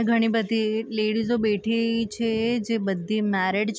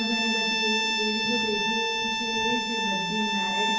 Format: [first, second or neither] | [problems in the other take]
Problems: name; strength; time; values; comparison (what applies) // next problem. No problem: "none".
first | background sound (Bowed string instrument); 4 dB above the speech // room echo; dies away in 1 s